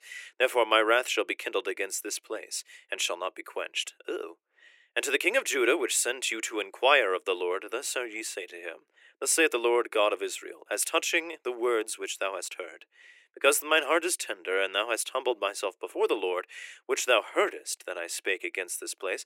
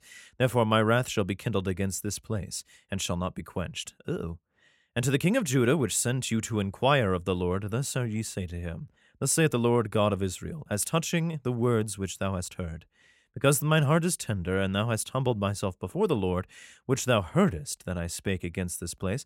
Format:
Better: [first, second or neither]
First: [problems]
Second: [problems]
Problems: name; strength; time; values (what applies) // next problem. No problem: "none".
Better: second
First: thin; very; fading below 350 Hz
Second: none